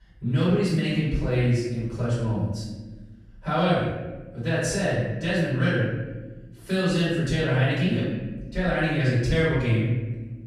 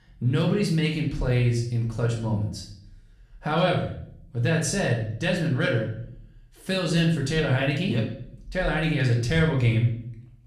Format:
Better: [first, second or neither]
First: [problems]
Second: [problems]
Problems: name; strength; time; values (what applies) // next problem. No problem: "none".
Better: second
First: room echo; strong; dies away in 1.2 s // off-mic speech; far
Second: room echo; slight; dies away in 0.5 s // off-mic speech; far